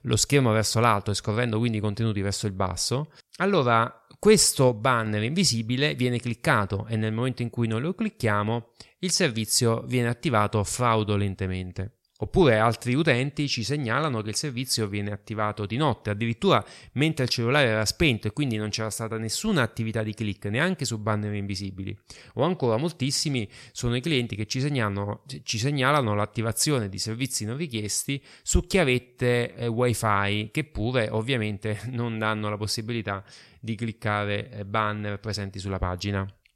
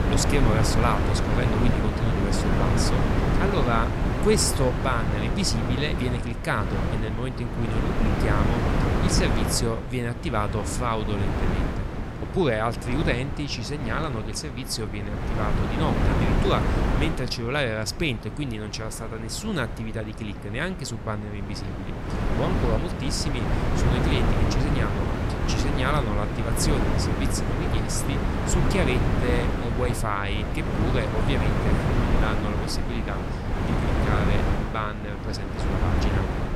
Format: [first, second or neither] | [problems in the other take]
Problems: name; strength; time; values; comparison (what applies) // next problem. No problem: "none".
first | wind noise on the microphone; heavy; 1 dB below the speech